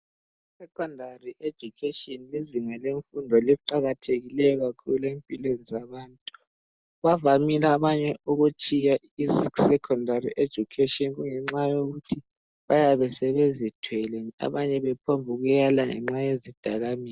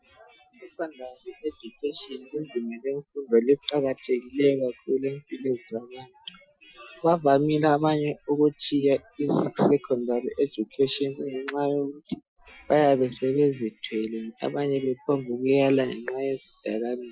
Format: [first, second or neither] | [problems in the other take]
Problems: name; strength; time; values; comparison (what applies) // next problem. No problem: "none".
first | noise reduction (classical method Wiener filter)